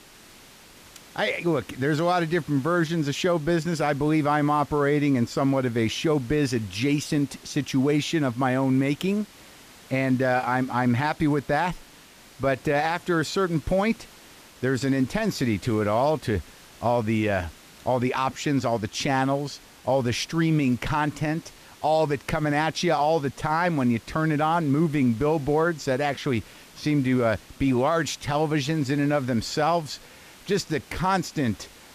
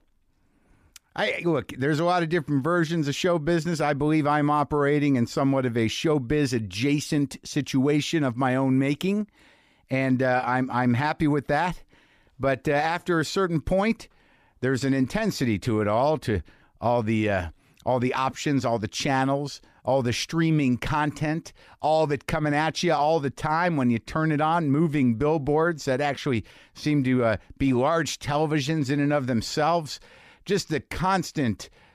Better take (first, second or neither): second